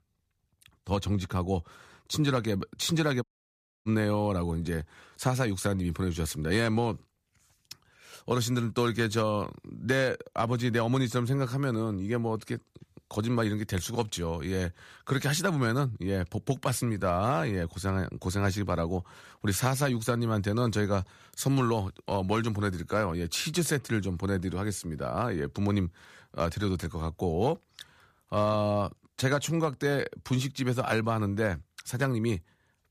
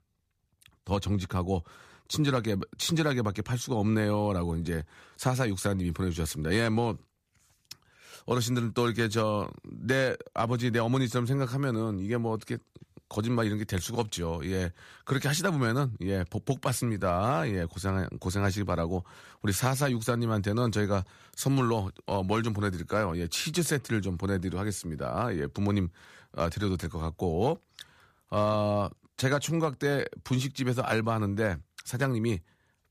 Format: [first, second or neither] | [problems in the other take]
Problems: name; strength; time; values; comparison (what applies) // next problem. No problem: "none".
second | audio cutting out; at 3 s for 0.5 s